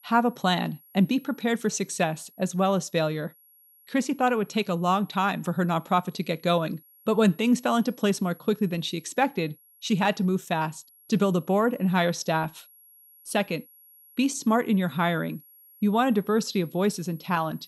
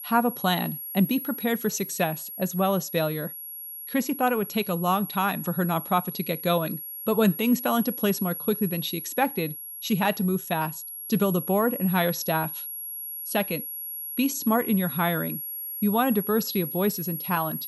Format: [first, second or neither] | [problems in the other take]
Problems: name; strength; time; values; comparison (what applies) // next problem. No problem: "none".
first | high-pitched whine; loud; throughout; 11.5 kHz, 7 dB below the speech; faint in the first